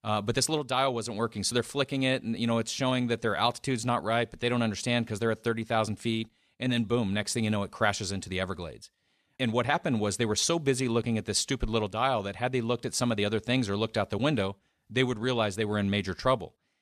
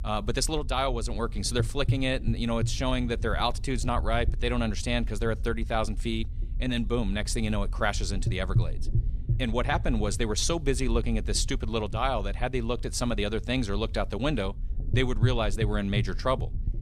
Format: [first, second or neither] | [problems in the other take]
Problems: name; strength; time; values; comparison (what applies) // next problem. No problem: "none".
first | low rumble; noticeable; throughout; 20 dB below the speech